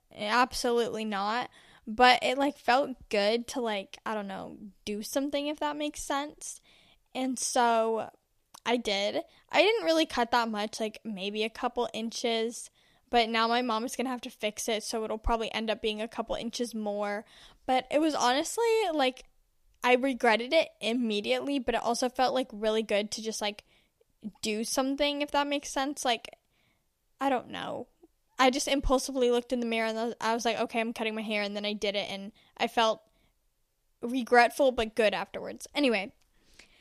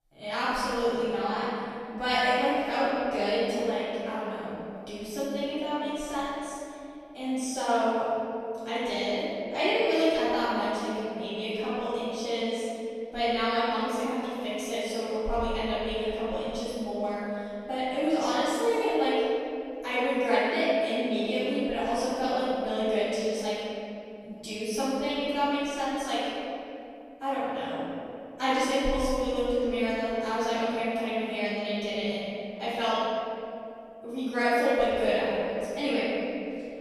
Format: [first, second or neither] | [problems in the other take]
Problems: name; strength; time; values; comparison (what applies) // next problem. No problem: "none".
first | room echo; strong; dies away in 2.6 s // off-mic speech; far